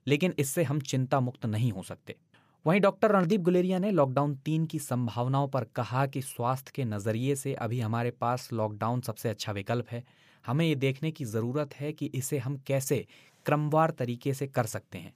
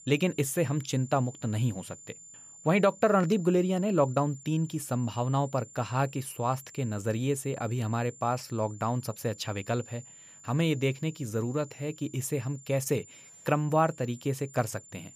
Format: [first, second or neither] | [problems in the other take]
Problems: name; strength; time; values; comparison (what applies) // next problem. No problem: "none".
first | high-pitched whine; noticeable; throughout; 7 kHz, 20 dB below the speech